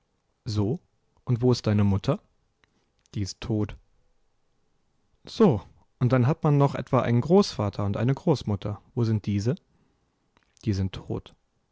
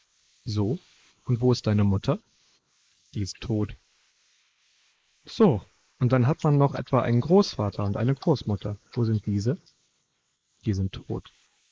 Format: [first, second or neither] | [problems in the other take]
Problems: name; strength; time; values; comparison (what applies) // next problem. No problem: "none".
first | noise reduction (neural mask model Resemble Enhance denoiser)